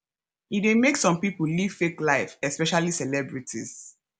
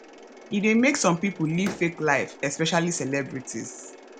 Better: first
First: none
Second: background sound (Mechanisms + Slam); 18 dB below the speech

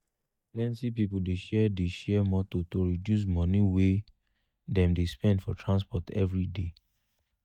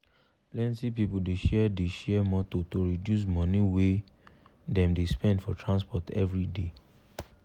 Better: second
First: noise reduction (neural mask model DeepFilterNet 3)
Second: none

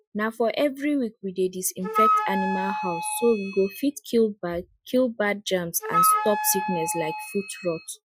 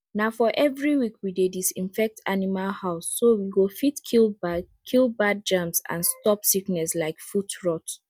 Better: second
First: noise reduction (classical method Wiener filter)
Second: none

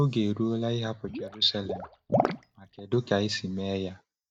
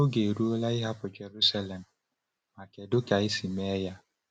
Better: second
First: noise reduction (neural mask model DeepFilterNet 3)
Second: none

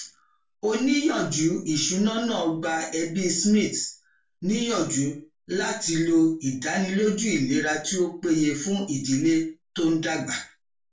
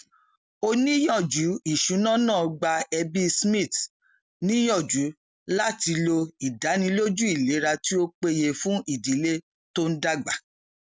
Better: second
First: room echo; dies away in 0.3 s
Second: none

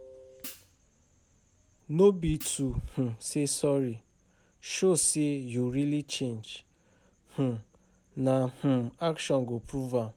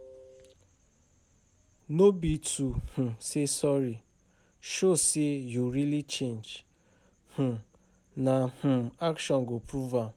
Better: second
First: background sound (Hi-hat); 18 dB below the speech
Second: none

